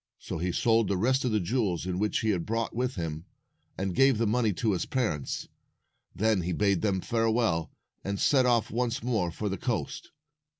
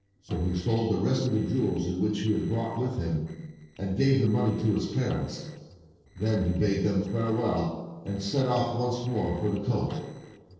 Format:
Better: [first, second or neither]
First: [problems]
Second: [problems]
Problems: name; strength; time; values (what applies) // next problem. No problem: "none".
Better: first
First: none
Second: noise reduction (neural separator model SepFormer DNS4)